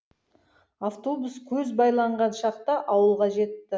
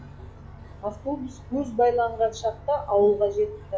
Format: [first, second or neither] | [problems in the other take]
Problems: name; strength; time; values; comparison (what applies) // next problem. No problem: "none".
first | noise reduction (classical method log-MMSE)